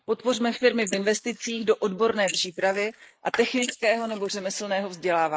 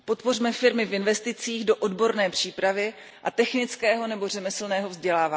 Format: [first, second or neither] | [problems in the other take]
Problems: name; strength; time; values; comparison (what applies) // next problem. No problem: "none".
second | noise reduction (neural mask model Resemble Enhance denoiser)